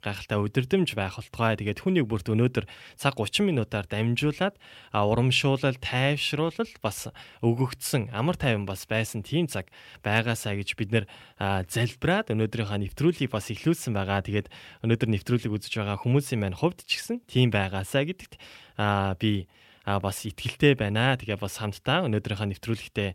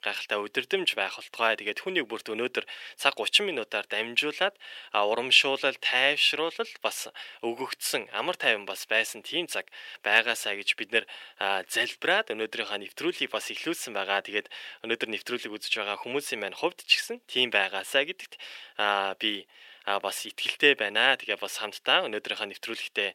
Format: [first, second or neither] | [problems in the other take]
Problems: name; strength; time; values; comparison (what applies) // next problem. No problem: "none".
first | thin; very; fading below 400 Hz